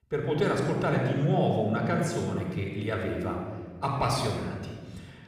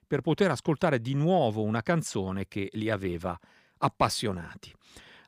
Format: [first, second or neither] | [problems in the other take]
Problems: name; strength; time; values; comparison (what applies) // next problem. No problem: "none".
second | off-mic speech; somewhat distant // room echo; noticeable; dies away in 1.5 s